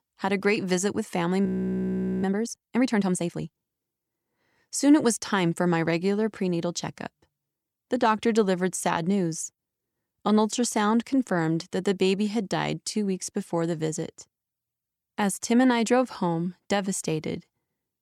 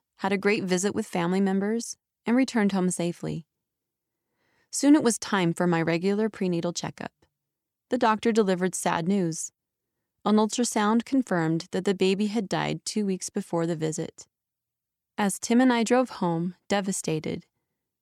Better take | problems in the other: second | audio freezing; at 1.5 s for 1 s

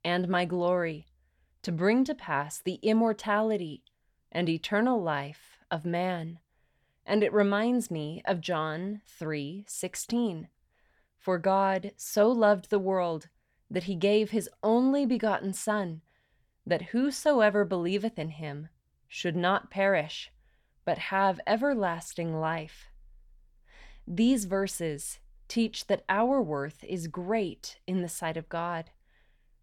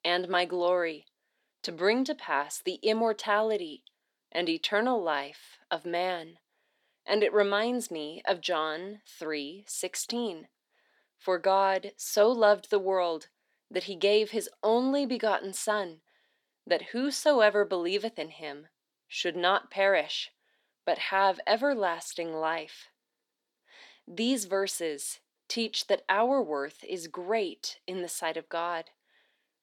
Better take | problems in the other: first | thin; somewhat; fading below 300 Hz

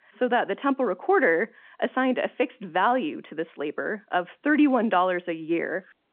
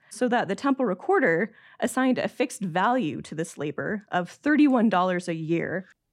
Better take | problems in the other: second | phone-call audio

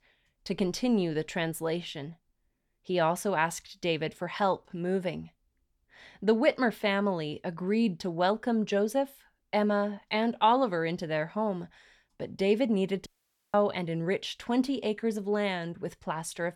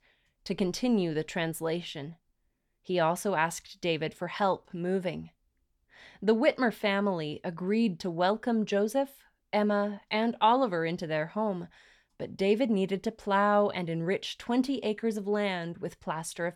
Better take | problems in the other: second | audio cutting out; at 13 s

